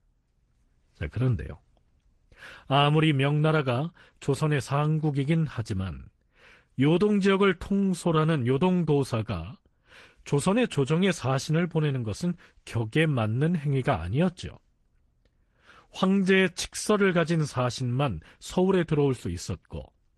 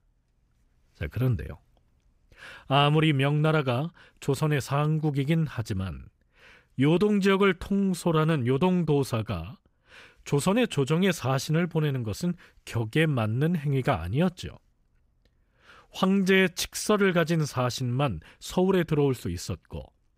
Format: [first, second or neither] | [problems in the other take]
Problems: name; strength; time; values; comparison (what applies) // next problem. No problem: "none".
second | garbled, watery; slightly; nothing above 11.5 kHz